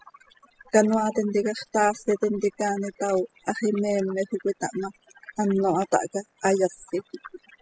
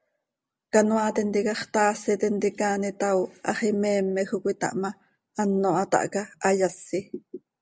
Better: second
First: noise reduction (classical method spectral subtraction)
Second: none

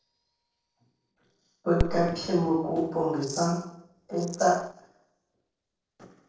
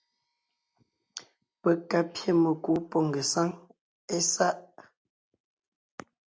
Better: second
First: noise reduction (neural separator model SepFormer DNS4)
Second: none

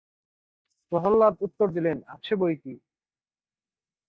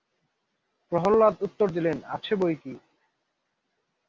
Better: second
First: noise reduction (neural mask model DeepFilterNet 3)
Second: none

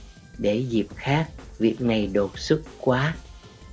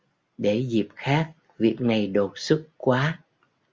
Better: second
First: background sound (Drum kit + Snare drum / Drum kit); 17 dB below the speech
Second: none

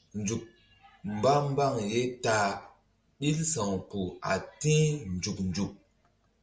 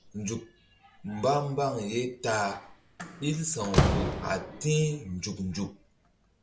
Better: first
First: none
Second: background sound (Slam); 3 dB below the speech

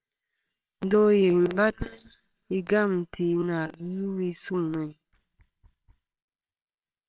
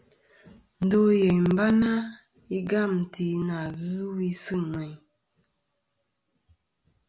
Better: second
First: noise reduction (neural separator model SepFormer WHAMR!)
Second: none

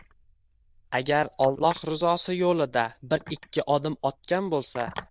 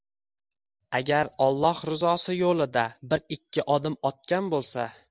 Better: second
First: noise reduction (neural diffusion model UNIVERSE++)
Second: none

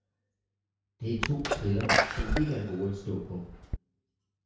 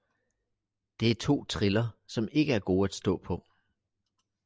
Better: second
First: background sound (Sneeze); 3 dB above the speech // room echo; dies away in 0.6 s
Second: none

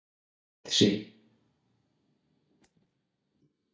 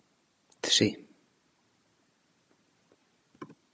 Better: second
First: noise reduction (neural mask model DeepFilterNet 3)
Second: none

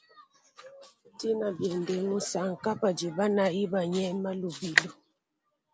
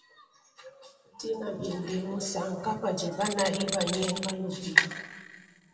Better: first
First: none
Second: background sound (Tools); 3 dB below the speech // room echo; dies away in 1.7 s

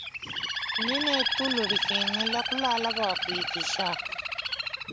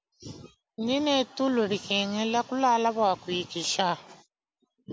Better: second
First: background sound (Bird); 2 dB above the speech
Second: none

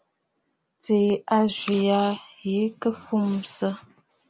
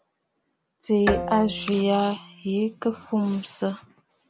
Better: first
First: none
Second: background sound (Bowed string instrument); 9 dB below the speech

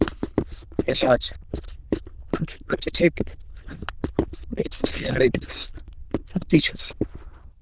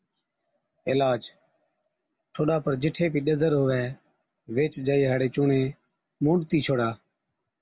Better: second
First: noise reduction (neural diffusion model UNIVERSE++)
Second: none

